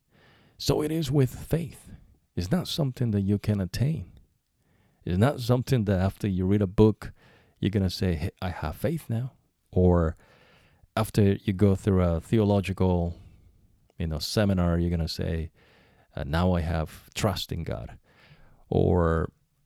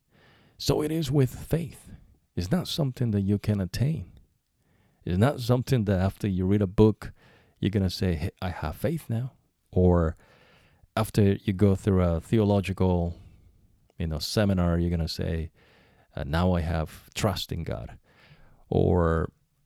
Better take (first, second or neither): neither